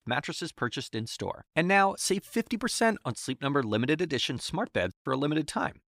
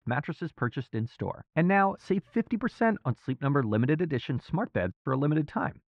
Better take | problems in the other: first | muffled; very; fading above 1.5 kHz

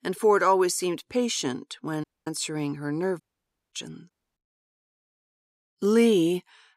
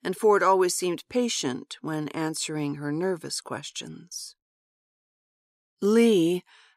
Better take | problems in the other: second | audio cutting out; at 2 s, at 3 s for 0.5 s and at 4 s

